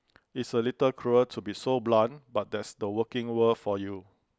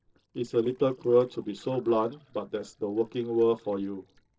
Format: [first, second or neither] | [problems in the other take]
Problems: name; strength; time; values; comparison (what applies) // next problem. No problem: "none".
first | noise reduction (neural separator model SepFormer DNS4)